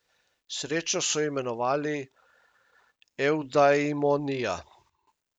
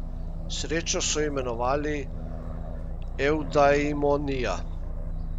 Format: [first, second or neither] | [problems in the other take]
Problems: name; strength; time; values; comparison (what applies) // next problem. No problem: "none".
first | background sound (Aircraft); 4 dB below the speech